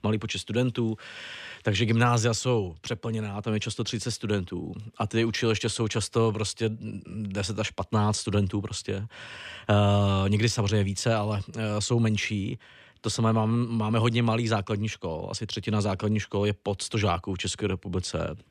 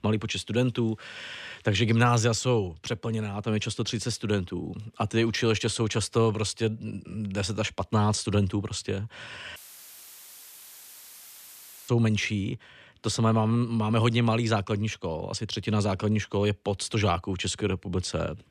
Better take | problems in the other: first | audio cutting out; filled with static; at 9.5 s for 2.5 s

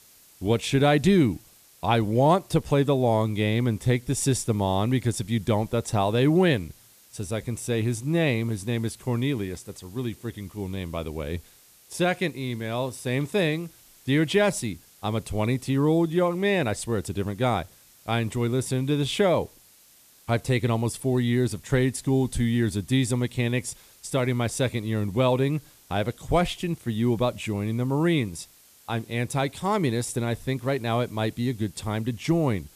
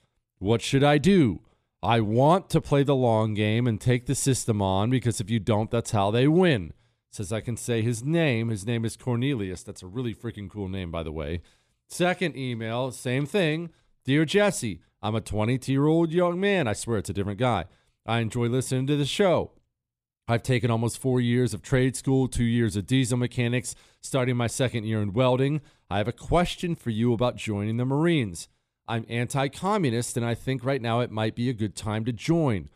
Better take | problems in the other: second | hiss; faint; throughout; 25 dB below the speech

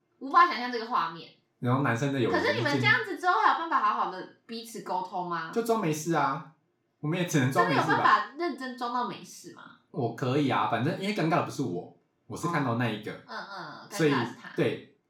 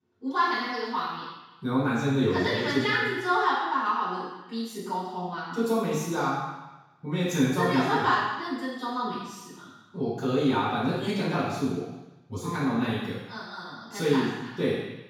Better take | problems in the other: first | room echo; strong; dies away in 1.1 s; slight in the first // off-mic speech; far; far in the first

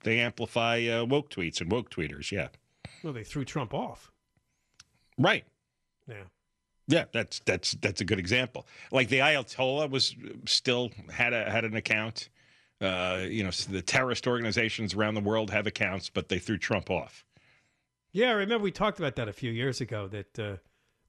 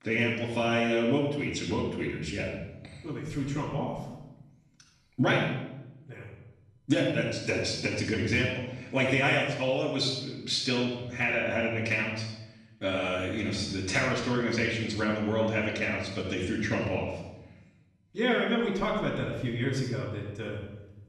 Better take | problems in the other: first | off-mic speech; far // room echo; noticeable; dies away in 0.9 s

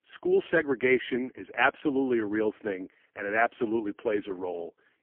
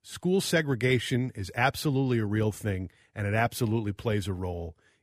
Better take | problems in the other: second | phone-call audio; poor line; nothing above 3 kHz

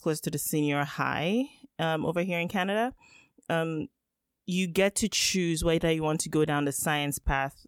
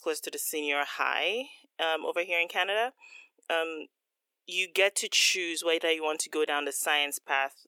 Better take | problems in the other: first | thin; very; fading below 400 Hz

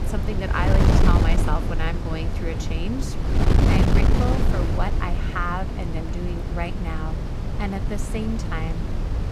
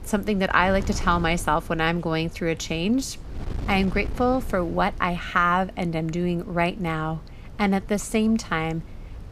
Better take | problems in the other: second | wind noise on the microphone; heavy; 1 dB below the speech; occasional gusts in the second

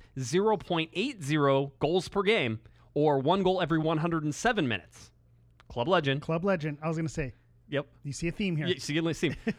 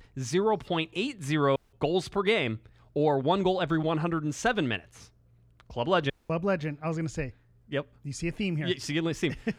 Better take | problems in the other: first | audio cutting out; at 1.5 s and at 6 s

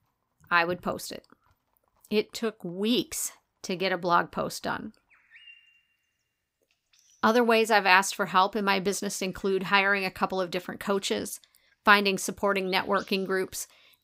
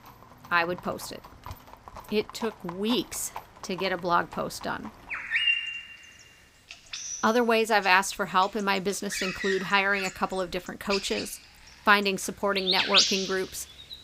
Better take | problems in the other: first | animal sounds; loud; throughout; 1 dB below the speech; faint in the first

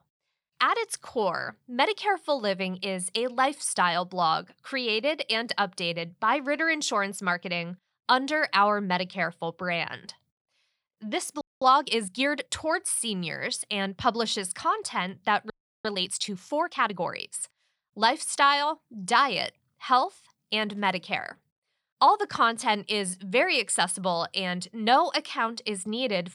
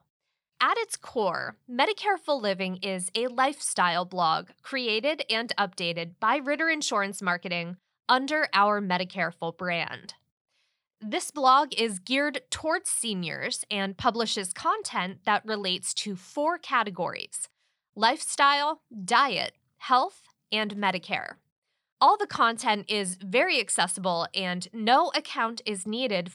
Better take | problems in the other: second | audio freezing; at 11 s and at 16 s

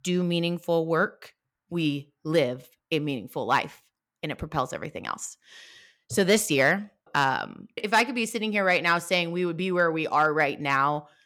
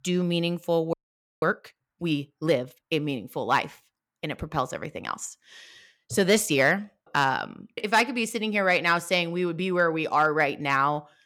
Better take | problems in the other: first | audio freezing; at 1 s

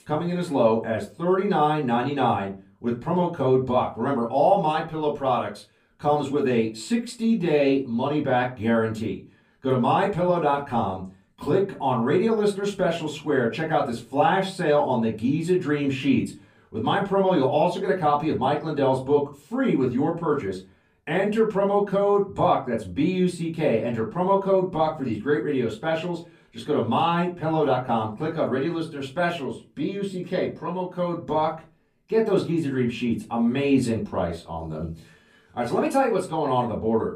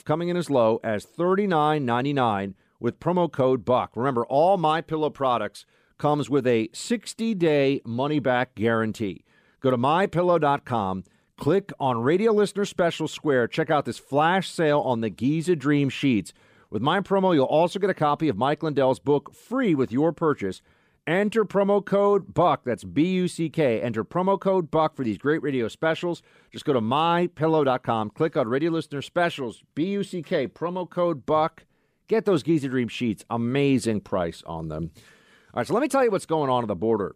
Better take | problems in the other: second | off-mic speech; far // room echo; very slight; dies away in 0.3 s

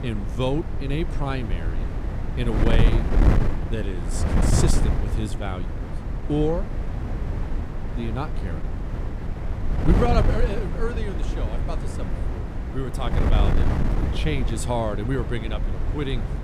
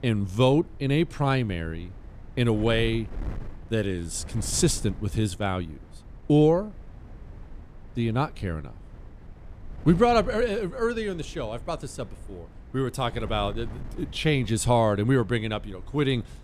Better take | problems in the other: second | wind noise on the microphone; heavy; 4 dB below the speech; occasional gusts in the second

